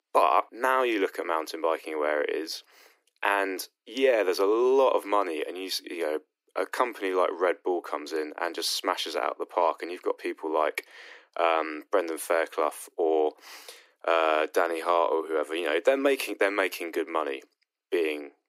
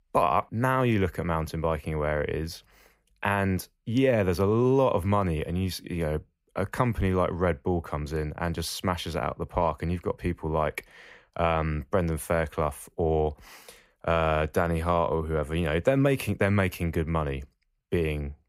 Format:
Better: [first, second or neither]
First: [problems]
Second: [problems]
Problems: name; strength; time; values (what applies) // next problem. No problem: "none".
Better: second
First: thin; very; fading below 300 Hz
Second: none